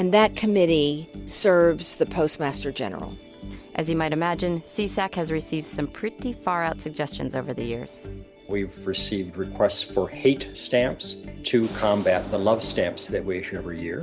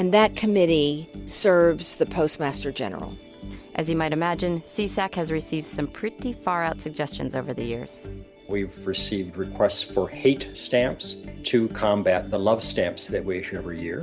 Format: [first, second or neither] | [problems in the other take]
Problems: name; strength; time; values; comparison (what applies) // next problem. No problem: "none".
second | background sound (Explosion); 16 dB below the speech